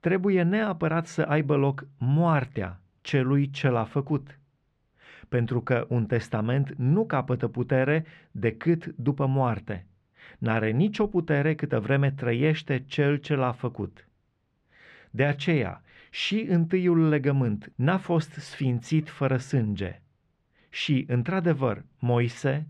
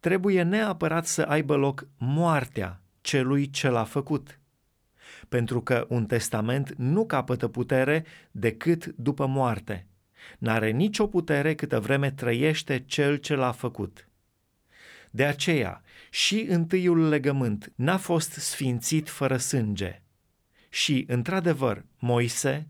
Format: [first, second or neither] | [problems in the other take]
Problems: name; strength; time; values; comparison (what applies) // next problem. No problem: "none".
second | muffled; slightly; fading above 3 kHz